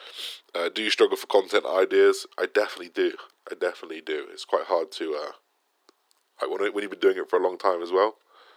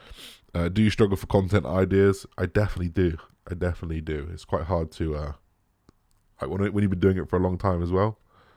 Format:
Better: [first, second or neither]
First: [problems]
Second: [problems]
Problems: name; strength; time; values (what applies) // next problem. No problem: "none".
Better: second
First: thin; very; fading below 350 Hz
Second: none